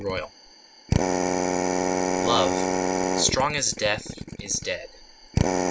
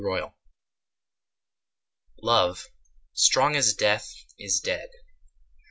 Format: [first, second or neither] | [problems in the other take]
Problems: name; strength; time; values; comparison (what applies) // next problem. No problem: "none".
second | background sound (Drill); 4 dB above the speech